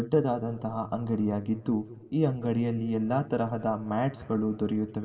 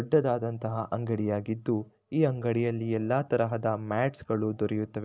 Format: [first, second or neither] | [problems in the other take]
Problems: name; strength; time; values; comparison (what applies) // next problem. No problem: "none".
second | room echo; dies away in 1.9 s